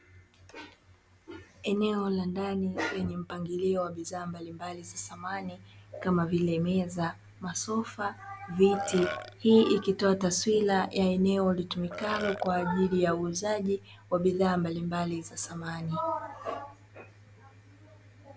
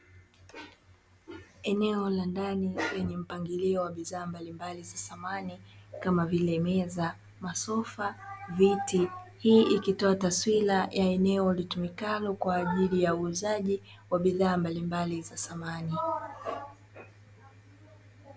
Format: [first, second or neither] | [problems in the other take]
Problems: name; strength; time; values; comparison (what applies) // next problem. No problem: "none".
second | background sound (Burping, eructation); 9 dB below the speech